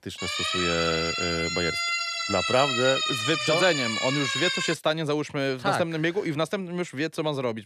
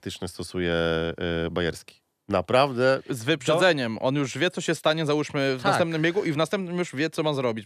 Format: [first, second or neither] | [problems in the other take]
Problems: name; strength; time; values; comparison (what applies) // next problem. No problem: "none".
second | siren; loud; until 5 s; peak 2 dB above the speech